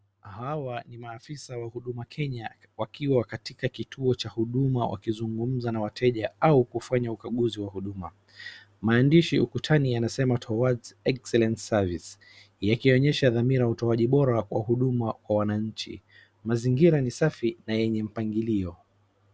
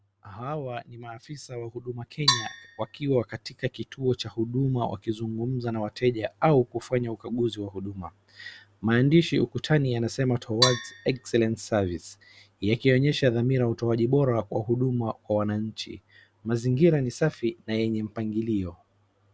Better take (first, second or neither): first